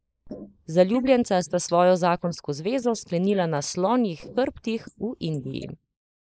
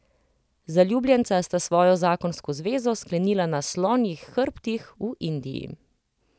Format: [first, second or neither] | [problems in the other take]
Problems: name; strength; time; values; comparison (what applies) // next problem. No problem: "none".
second | noise reduction (neural mask model Resemble Enhance denoiser)